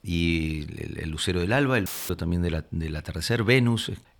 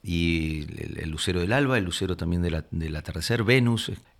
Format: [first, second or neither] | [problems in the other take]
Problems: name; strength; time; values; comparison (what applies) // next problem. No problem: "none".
second | audio cutting out; filled with static; at 2 s